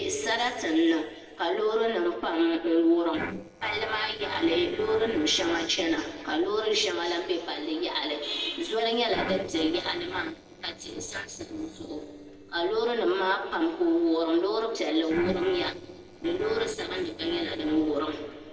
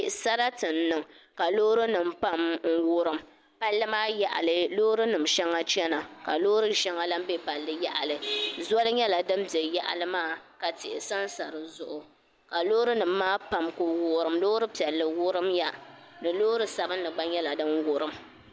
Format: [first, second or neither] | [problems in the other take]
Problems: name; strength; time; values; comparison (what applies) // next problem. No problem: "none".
second | noise reduction (neural separator model SepFormer DNS4)